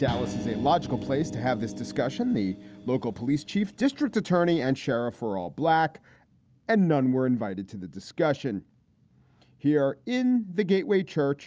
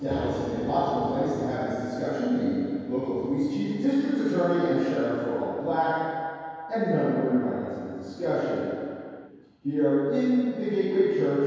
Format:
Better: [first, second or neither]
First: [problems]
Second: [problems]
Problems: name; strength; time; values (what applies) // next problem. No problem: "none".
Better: first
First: none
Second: room echo; dies away in 2.2 s